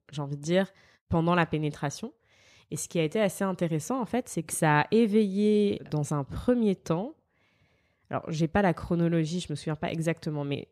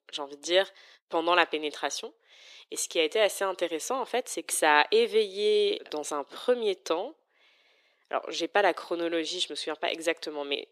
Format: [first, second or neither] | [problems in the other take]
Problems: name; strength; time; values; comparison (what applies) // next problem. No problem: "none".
first | thin; very; fading below 350 Hz